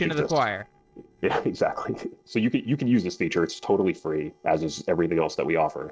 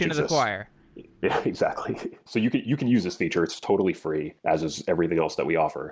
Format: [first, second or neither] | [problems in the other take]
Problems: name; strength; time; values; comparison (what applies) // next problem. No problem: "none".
second | noise reduction (neural separator model SepFormer DNS4)